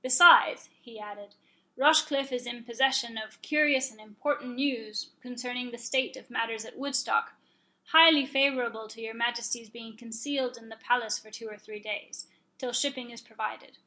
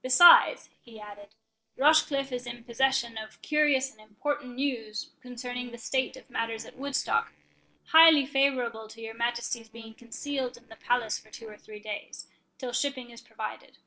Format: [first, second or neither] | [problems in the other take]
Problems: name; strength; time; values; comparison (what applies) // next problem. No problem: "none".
first | noise reduction (neural separator model SepFormer DNS4)